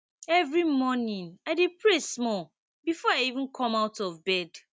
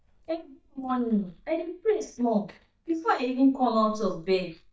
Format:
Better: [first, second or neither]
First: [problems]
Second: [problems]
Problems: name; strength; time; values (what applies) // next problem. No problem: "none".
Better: first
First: none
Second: noise reduction (neural mask model DeepFilterNet 3)